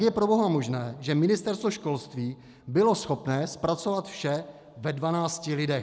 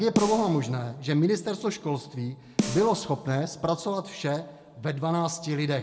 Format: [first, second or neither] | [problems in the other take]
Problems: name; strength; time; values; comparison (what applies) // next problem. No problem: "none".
first | background sound (Snare drum); 8 dB below the speech // room echo; dies away in 0.5 s